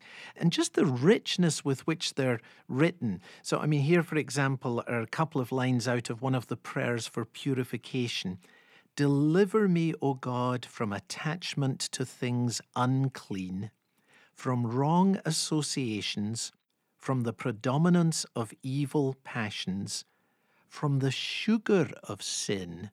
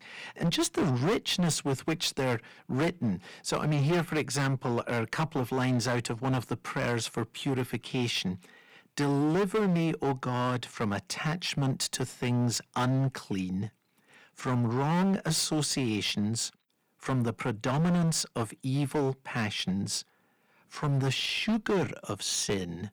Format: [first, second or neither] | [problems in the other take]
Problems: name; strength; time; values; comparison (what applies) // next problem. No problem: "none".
first | distortion; heavy; 13% of the sound clipped